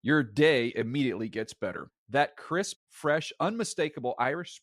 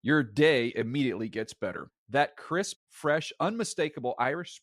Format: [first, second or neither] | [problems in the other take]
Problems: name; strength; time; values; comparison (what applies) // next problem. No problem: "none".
neither | none